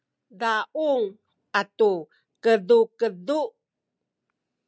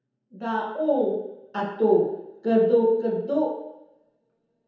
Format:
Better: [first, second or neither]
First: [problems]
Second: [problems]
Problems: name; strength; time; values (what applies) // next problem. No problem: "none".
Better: first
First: none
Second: room echo; dies away in 1 s